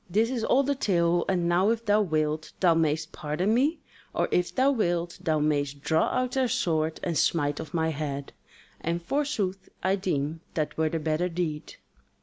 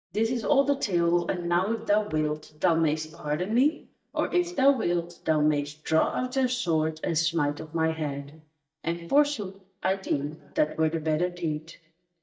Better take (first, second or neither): first